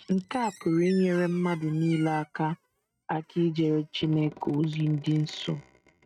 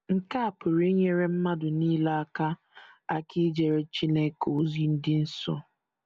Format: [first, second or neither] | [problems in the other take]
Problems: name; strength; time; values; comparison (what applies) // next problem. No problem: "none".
second | noise reduction (neural mask model RNNoise)